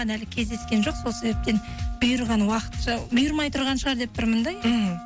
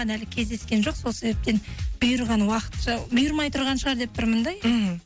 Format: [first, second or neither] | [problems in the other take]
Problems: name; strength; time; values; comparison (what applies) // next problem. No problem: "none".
second | background sound (Wind instrument, woodwind instrument); 18 dB below the speech